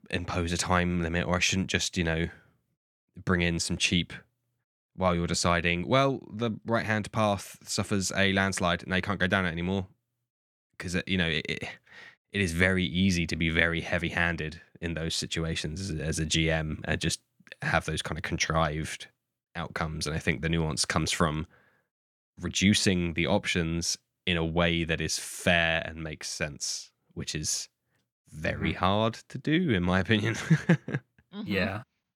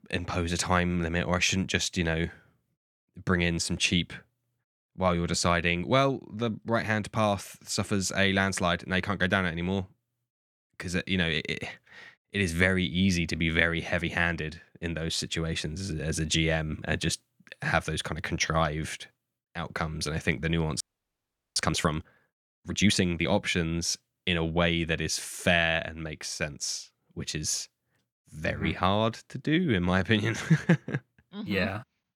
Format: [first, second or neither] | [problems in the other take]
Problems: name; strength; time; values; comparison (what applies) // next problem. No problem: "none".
first | audio freezing; at 21 s for 1 s